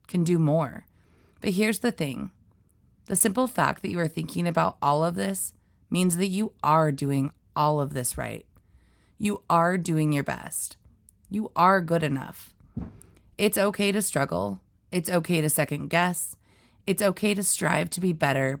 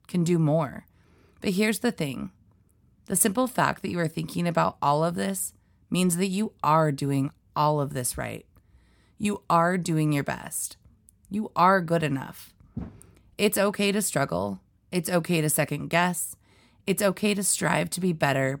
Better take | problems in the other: second | garbled, watery; slightly; nothing above 16.5 kHz

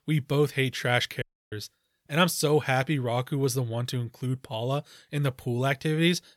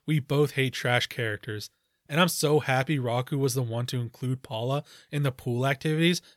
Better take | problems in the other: second | audio cutting out; at 1 s

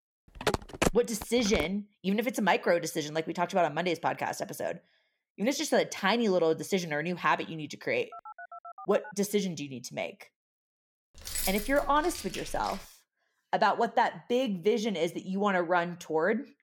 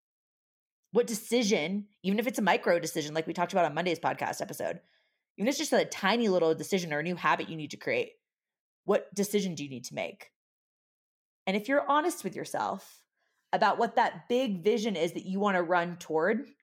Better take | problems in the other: second | phone ringing; noticeable; until 1.5 s; peak level with the speech // phone ringing; faint; from 8 to 9 s; peak 15 dB below the speech // jangling keys; noticeable; from 11 to 13 s; peak 3 dB below the speech

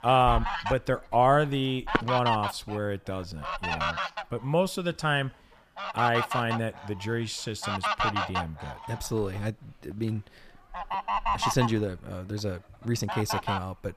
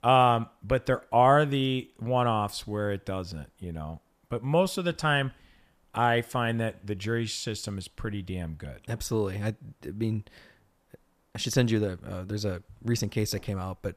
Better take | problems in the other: second | animal sounds; loud; throughout; 2 dB below the speech

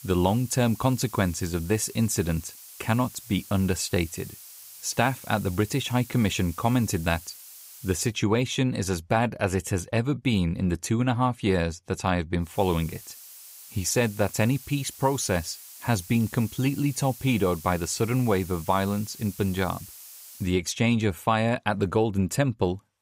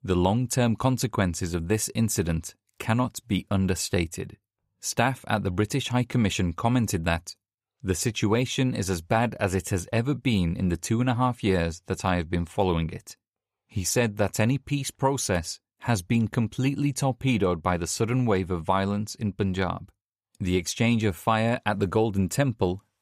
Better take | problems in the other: second | hiss; noticeable; until 8 s and from 12 to 20 s; 15 dB below the speech

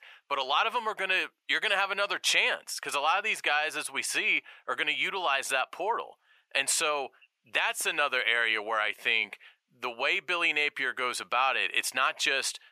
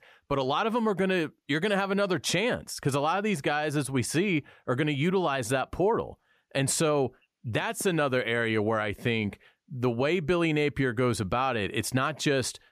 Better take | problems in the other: second | thin; very; fading below 900 Hz

